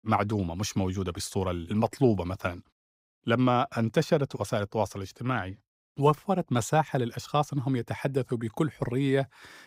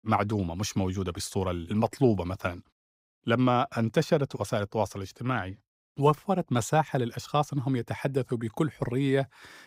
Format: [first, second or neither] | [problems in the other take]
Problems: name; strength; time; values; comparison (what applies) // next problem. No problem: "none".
neither | none